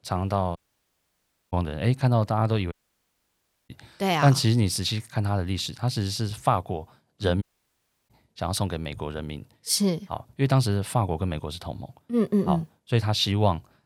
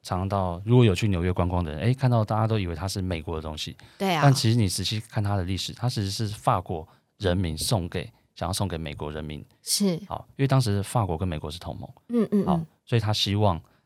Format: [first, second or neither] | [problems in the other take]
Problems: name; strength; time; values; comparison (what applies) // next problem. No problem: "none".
second | audio cutting out; at 0.5 s for 1 s, at 2.5 s for 1 s and at 7.5 s for 0.5 s